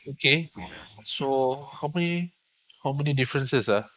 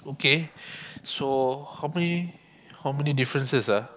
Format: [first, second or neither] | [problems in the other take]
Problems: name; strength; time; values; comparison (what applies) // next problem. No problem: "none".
second | noise reduction (neural mask model Resemble Enhance denoiser)